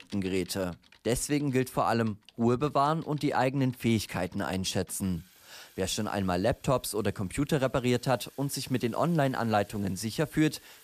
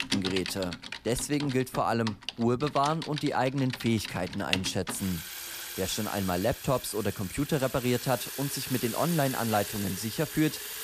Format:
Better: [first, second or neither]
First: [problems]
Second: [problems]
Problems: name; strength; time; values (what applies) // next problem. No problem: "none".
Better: first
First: household noises; faint; throughout; 25 dB below the speech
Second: household noises; loud; throughout; 7 dB below the speech